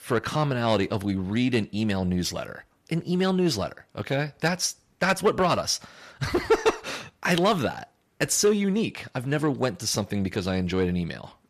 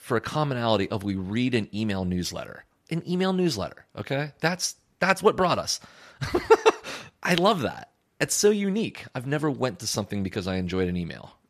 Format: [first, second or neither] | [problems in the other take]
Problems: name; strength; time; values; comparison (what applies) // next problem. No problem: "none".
second | distortion; slight; 10 dB below the speech